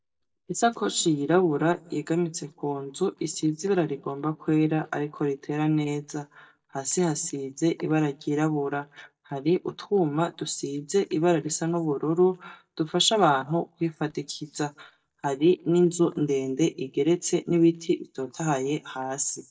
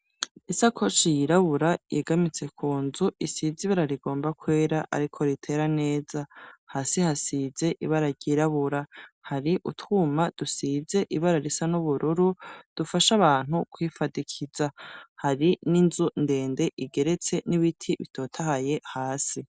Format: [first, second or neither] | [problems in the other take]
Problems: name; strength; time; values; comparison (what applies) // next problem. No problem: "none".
second | noise reduction (neural mask model DeepFilterNet 3)